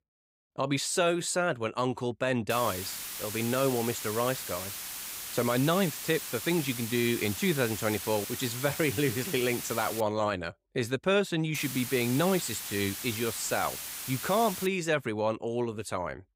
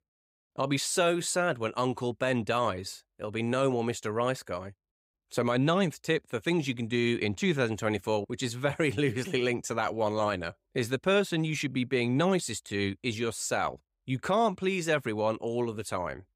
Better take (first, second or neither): second